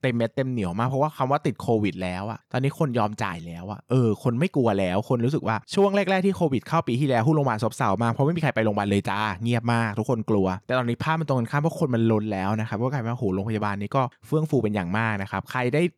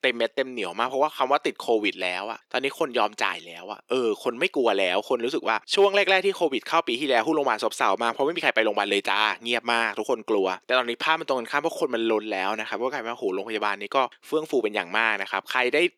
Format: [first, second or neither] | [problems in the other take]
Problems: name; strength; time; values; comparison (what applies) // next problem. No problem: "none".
first | thin; very; fading below 350 Hz